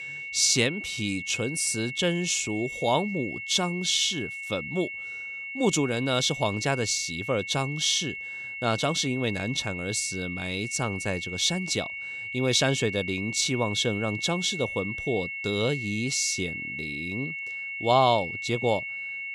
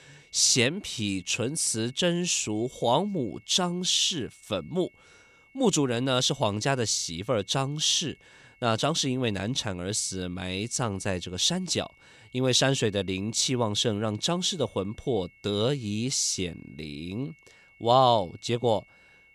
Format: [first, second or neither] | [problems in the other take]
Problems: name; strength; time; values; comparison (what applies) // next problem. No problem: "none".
second | high-pitched whine; loud; throughout; 2 kHz, 7 dB below the speech; faint in the second